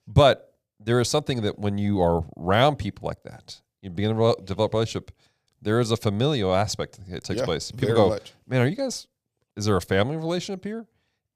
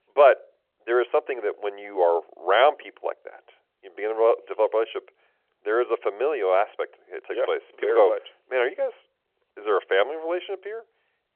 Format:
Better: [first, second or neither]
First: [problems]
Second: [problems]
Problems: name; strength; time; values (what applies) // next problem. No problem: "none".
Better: first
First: none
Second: phone-call audio; nothing above 3 kHz